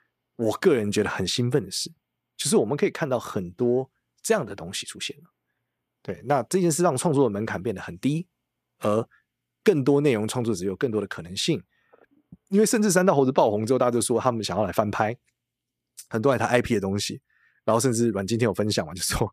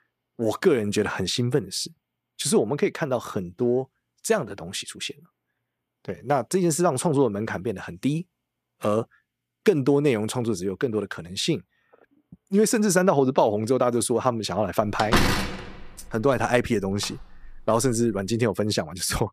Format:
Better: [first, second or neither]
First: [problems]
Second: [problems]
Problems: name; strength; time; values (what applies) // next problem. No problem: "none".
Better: first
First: none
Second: door banging; loud; from 15 to 18 s; peak 3 dB above the speech